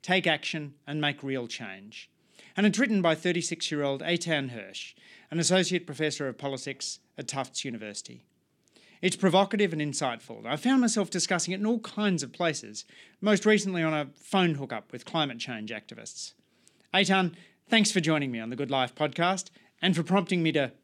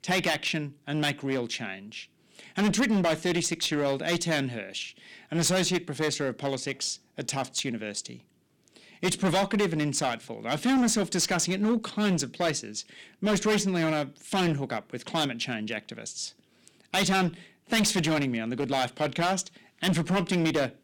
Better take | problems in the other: first | distortion; heavy; 10% of the sound clipped

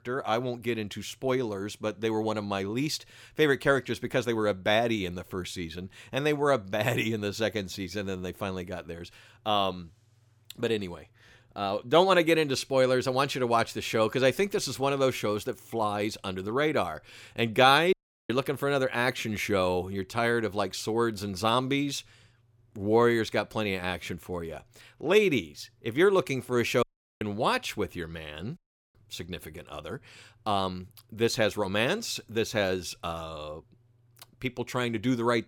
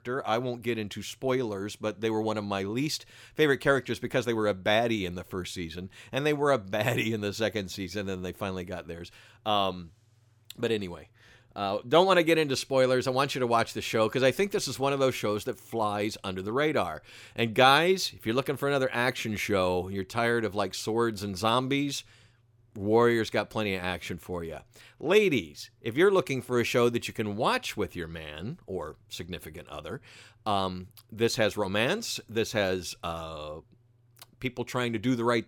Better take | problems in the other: second | audio cutting out; at 18 s, at 27 s and at 29 s

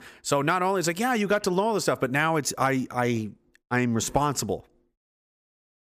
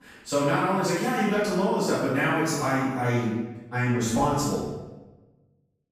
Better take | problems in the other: first | off-mic speech; far // room echo; strong; dies away in 0.9 s

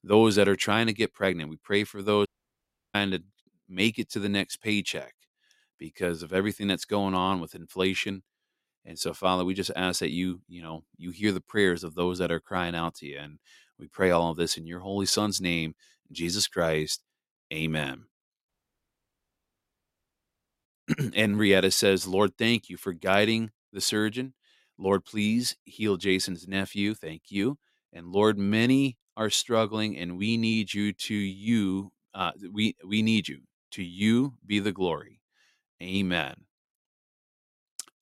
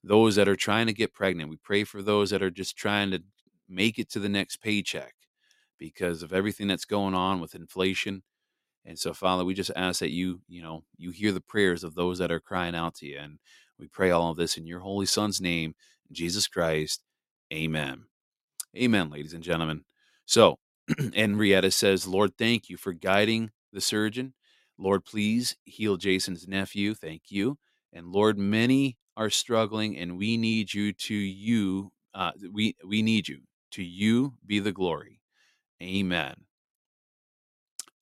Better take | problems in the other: second | audio cutting out; at 2.5 s for 0.5 s and at 18 s for 2 s

